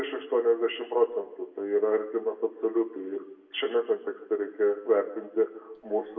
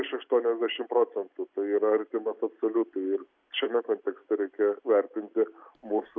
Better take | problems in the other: second | room echo; dies away in 0.9 s

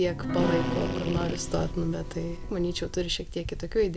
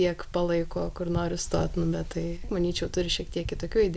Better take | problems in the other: second | background sound (Drill + Piano); 4 dB below the speech

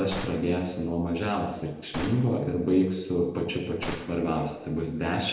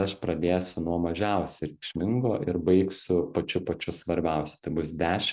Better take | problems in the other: second | background sound (Gunshot, gunfire); 15 dB below the speech // room echo; dies away in 1 s

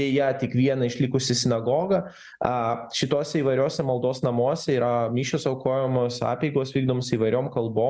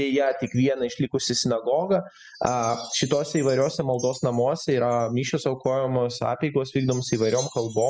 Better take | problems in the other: first | noise reduction (classical method spectral subtraction)

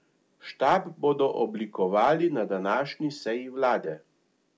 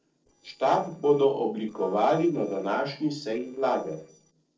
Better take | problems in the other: first | noise reduction (neural separator model SepFormer DNS4)

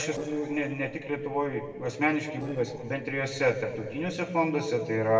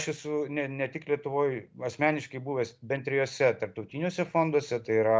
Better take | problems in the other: second | noise reduction (neural separator model SepFormer DNS4)

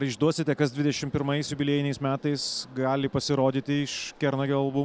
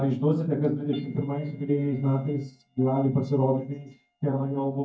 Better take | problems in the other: first | noise reduction (neural mask model DeepFilterNet 3)

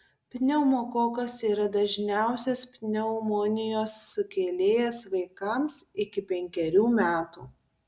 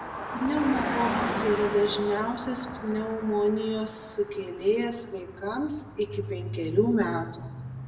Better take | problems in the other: first | background sound (Car passing by); 7 dB below the speech // room echo; dies away in 0.9 s

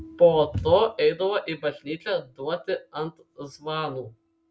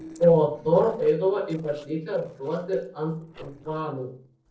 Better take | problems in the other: first | noise reduction (neural separator model SepFormer DNS4)

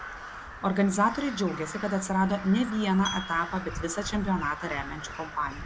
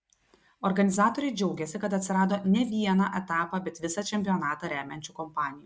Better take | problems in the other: second | background sound (Crow + Glass); 10 dB below the speech

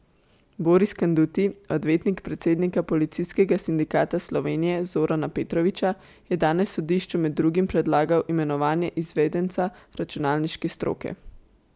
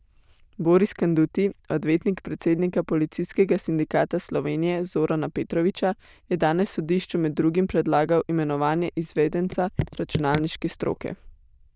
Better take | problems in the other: first | noise reduction (neural diffusion model UNIVERSE++)

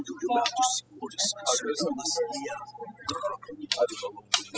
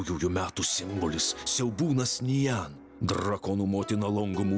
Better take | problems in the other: second | noise reduction (classical method spectral subtraction)

